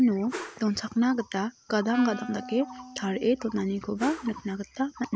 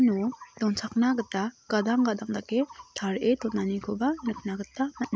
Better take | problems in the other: second | background sound (Whoosh, swoosh, swish + Wind instrument, woodwind instrument); 14 dB below the speech

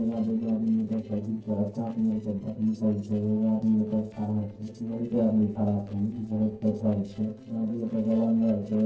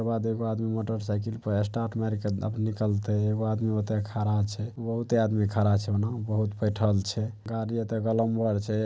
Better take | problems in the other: second | noise reduction (neural separator model SepFormer DNS4)

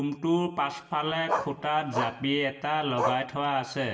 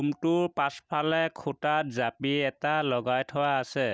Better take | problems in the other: second | background sound (Bark); 5 dB below the speech // room echo; dies away in 0.9 s

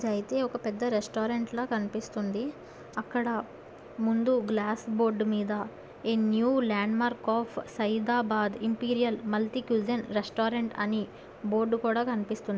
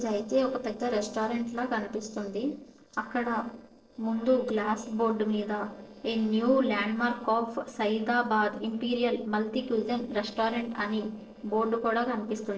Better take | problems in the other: first | noise reduction (neural separator model SepFormer DNS4)

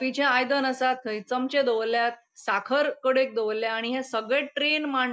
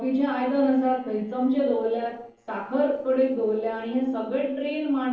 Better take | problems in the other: first | noise reduction (neural separator model SepFormer DNS4)

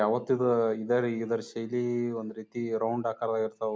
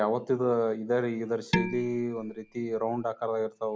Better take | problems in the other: first | background sound (Dishes, pots, and pans); 5 dB below the speech

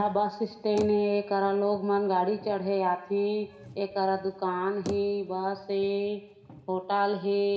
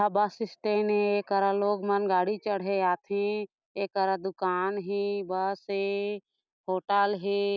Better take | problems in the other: second | background sound (Bicycle); 20 dB below the speech // room echo; dies away in 1.8 s

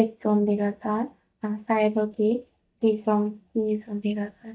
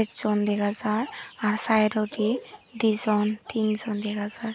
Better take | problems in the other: second | noise reduction (neural mask model DeepFilterNet 3)

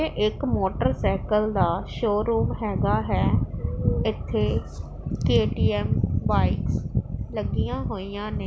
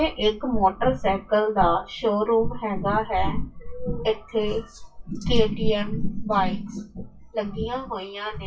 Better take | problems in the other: first | noise reduction (classical method WPE with log-MMSE)

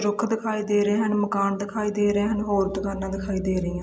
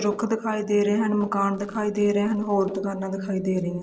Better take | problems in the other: first | noise reduction (neural separator model SepFormer DNS4)

